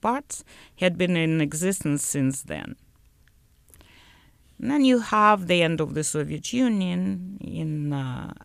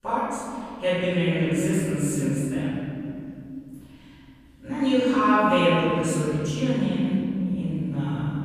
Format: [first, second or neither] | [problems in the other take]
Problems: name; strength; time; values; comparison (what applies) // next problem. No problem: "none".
first | off-mic speech; far // room echo; strong; dies away in 2.6 s